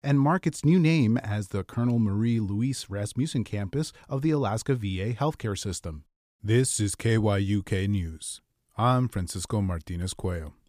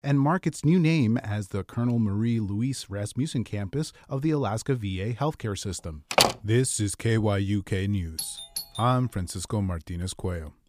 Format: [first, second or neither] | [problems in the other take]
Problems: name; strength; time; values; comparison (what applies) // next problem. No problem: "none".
first | door banging; loud; at 6 s; peak 6 dB above the speech // doorbell; noticeable; at 8 s; peak 6 dB below the speech